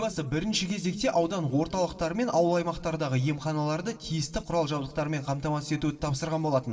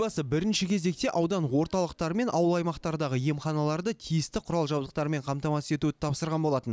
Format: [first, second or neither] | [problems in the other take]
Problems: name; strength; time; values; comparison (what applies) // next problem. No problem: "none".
second | room echo; dies away in 1.6 s